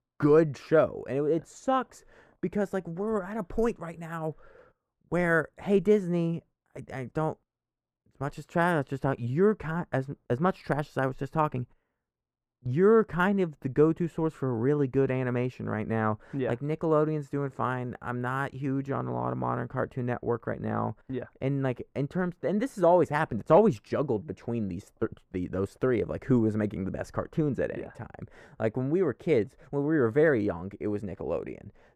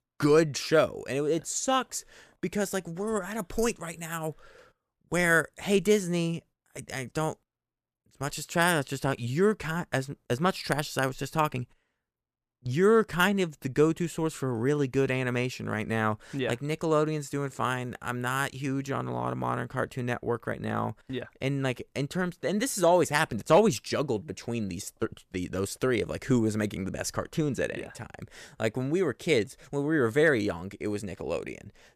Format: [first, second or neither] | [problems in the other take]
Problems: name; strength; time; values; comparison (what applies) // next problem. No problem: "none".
second | muffled; very; fading above 2.5 kHz